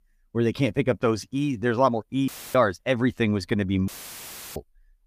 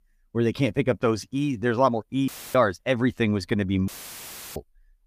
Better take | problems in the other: neither | audio cutting out; filled with static; at 2.5 s and at 4 s for 0.5 s; the same in both

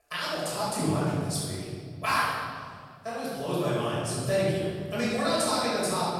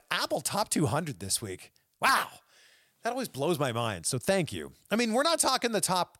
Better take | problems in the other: second | off-mic speech; far // room echo; strong; dies away in 2.3 s

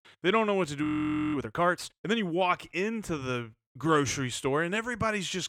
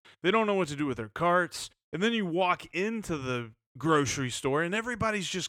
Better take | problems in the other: second | audio freezing; at 1 s for 0.5 s

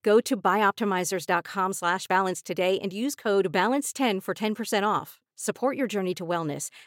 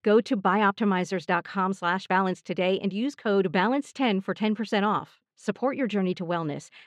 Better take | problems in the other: first | muffled; slightly; fading above 3.5 kHz

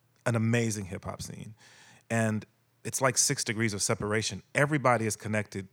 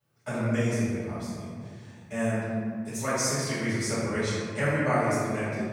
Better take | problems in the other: first | off-mic speech; far // room echo; strong; dies away in 2 s

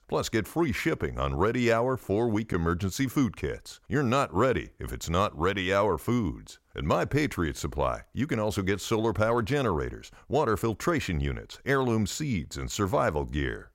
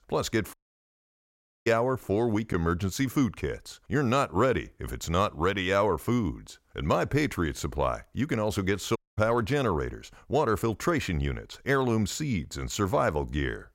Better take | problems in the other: first | audio cutting out; at 0.5 s for 1 s and at 9 s

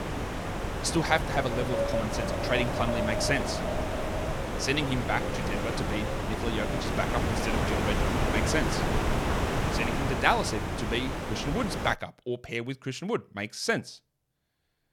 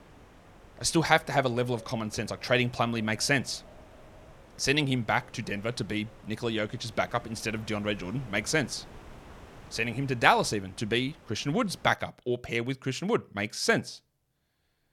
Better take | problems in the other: second | wind noise on the microphone; heavy; until 12 s; 1 dB below the speech; occasional gusts in the second

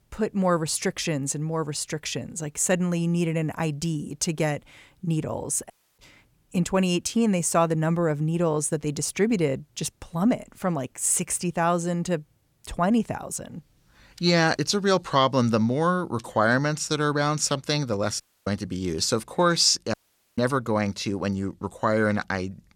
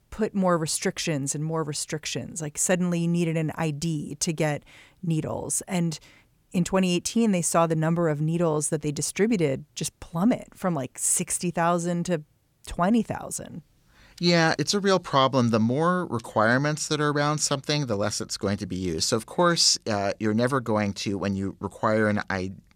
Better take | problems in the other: second | audio cutting out; at 5.5 s, at 18 s and at 20 s

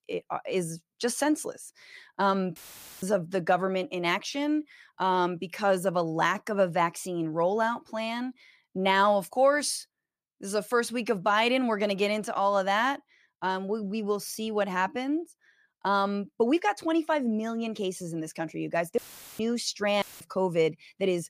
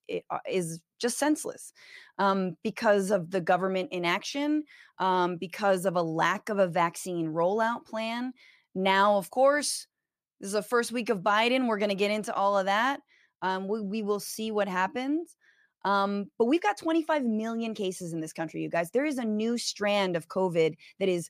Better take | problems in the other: second | audio cutting out; filled with static; at 2.5 s, at 19 s and at 20 s

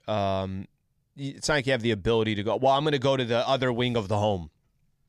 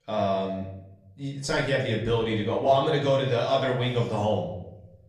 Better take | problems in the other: first | off-mic speech; far // room echo; slight; dies away in 0.7 s

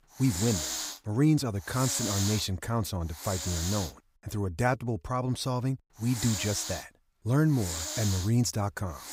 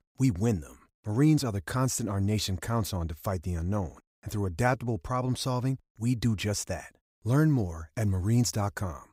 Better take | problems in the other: second | hiss; loud; until 4 s and from 6 s on; 4 dB below the speech

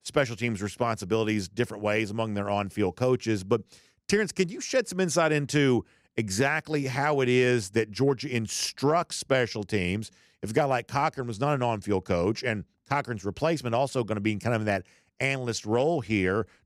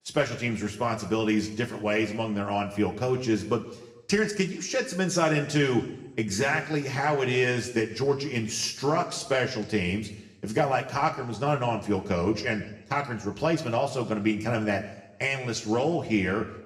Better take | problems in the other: first | room echo; slight; dies away in 0.8 s // off-mic speech; somewhat distant

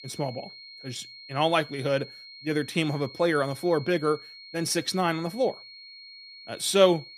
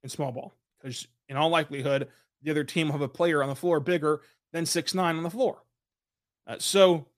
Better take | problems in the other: second | high-pitched whine; noticeable; throughout; 4 kHz, 15 dB below the speech

